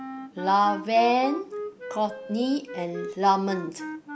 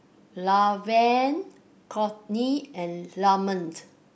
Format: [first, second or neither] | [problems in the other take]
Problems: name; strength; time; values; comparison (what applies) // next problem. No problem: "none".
second | background sound (Wind instrument, woodwind instrument); 11 dB below the speech